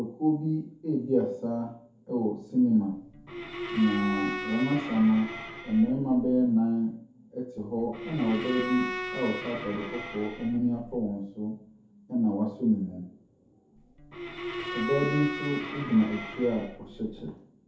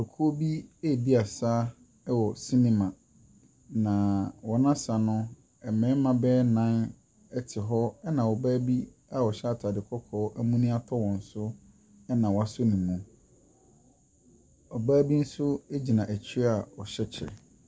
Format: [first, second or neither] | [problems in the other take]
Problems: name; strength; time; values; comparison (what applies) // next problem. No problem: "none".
second | background sound (Bowed string instrument); 8 dB below the speech // room echo; dies away in 0.5 s